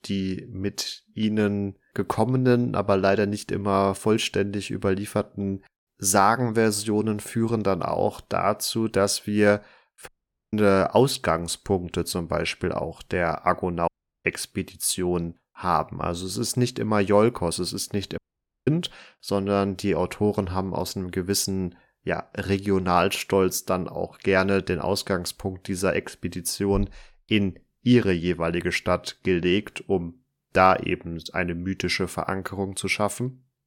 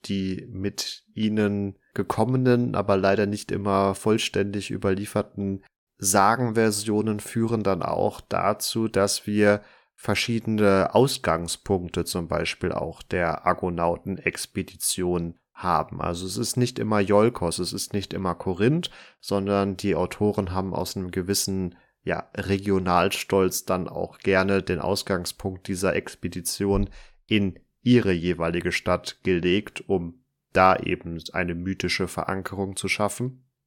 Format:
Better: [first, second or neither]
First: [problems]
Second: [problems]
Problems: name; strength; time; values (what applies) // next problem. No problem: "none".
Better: second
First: audio cutting out; at 10 s, at 14 s and at 18 s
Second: none